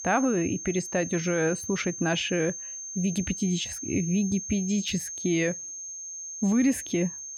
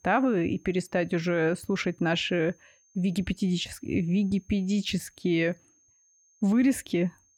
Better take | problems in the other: second | high-pitched whine; loud; throughout; 6.5 kHz, 7 dB below the speech; faint in the second

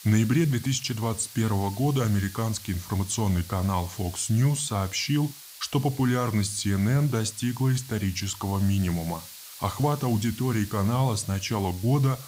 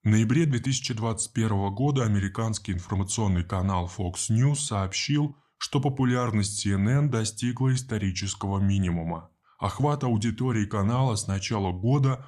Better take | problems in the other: second | hiss; noticeable; throughout; 15 dB below the speech

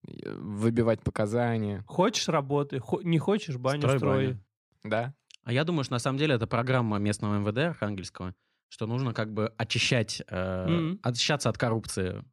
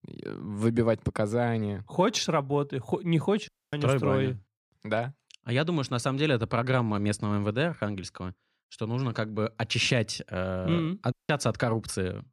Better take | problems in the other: first | audio cutting out; at 3.5 s and at 11 s

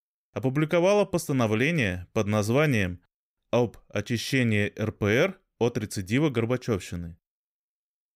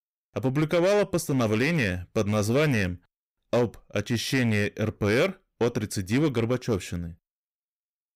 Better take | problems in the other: first | distortion; slight; 6% of the sound clipped

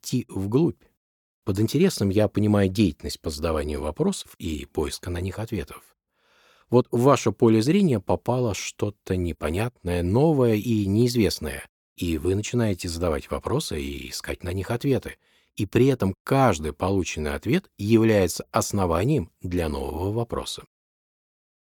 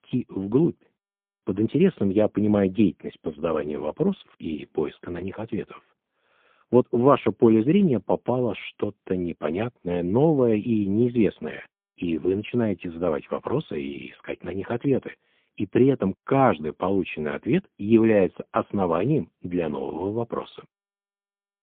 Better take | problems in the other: first | phone-call audio; poor line

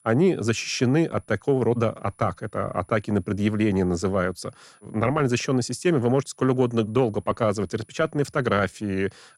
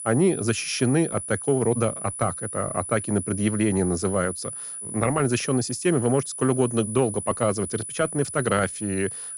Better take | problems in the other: first | high-pitched whine; loud; throughout; 10 kHz, 7 dB below the speech; faint in the first

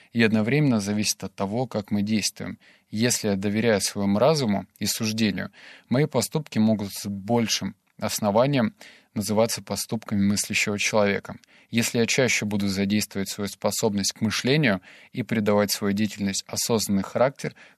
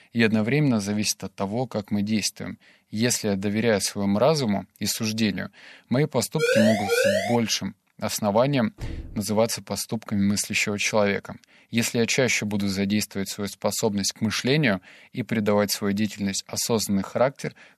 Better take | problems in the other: first | siren; loud; at 6.5 s; peak 3 dB above the speech // door banging; faint; at 9 s; peak 15 dB below the speech

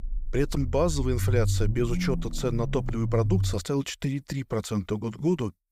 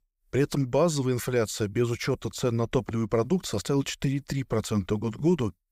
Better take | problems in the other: second | low rumble; noticeable; until 3.5 s; 10 dB below the speech

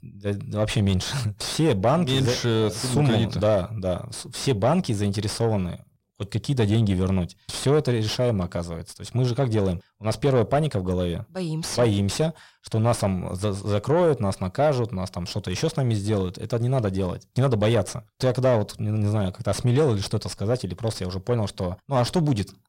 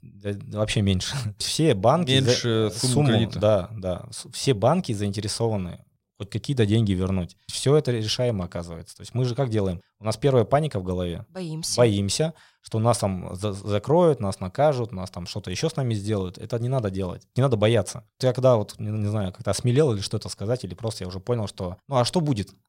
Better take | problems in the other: second | distortion; slight; 9 dB below the speech

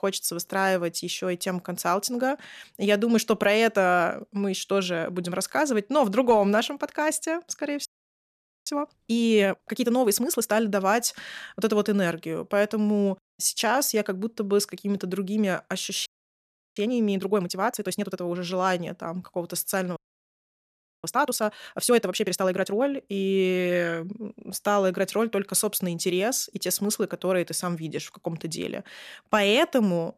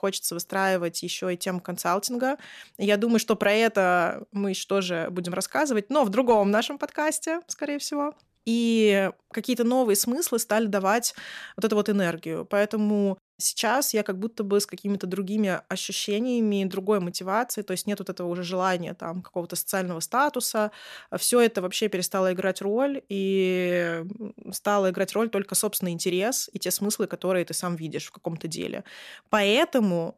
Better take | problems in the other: second | audio freezing; at 8 s for 1 s, at 16 s for 0.5 s and at 20 s for 1 s

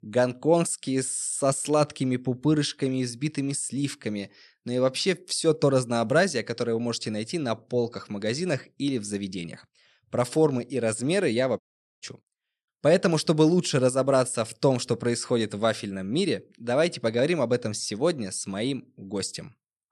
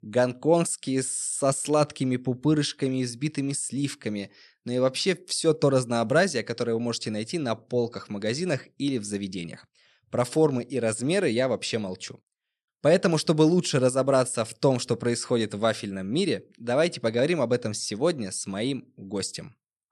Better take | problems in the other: second | audio cutting out; at 12 s

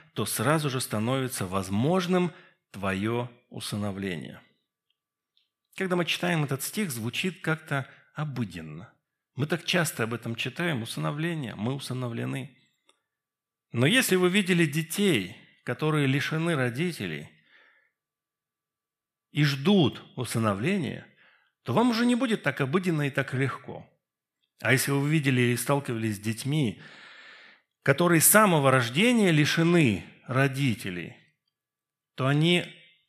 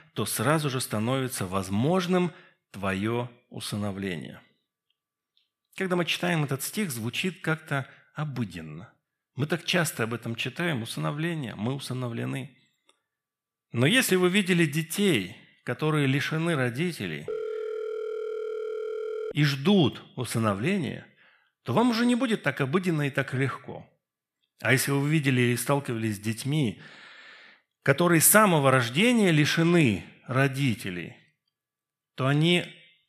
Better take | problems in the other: first | phone ringing; noticeable; from 17 to 19 s; peak 7 dB below the speech

